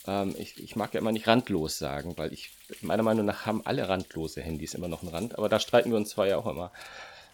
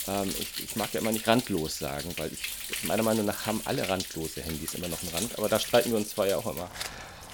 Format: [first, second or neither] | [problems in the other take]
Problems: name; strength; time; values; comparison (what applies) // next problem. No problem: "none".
first | rain or running water; loud; throughout; 4 dB below the speech; faint in the first